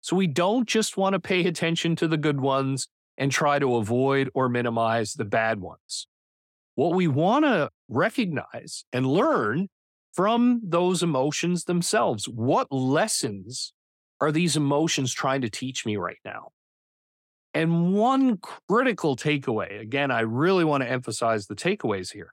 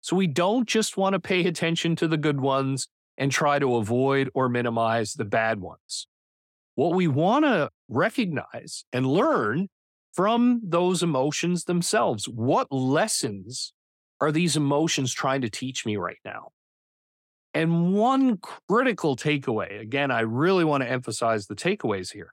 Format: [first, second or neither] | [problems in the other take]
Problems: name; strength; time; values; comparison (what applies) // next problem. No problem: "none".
neither | none